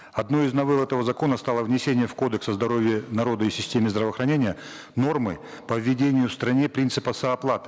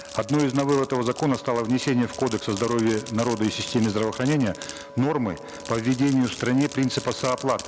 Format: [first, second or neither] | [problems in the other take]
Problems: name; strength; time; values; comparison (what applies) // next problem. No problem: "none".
first | background sound (Fireworks + Wind instrument, woodwind instrument); 15 dB below the speech